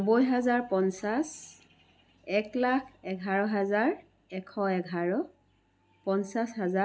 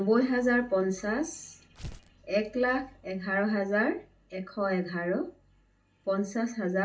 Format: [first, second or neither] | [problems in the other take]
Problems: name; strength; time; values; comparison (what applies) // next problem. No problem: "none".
first | background sound (Tearing); 19 dB below the speech // room echo; dies away in 0.2 s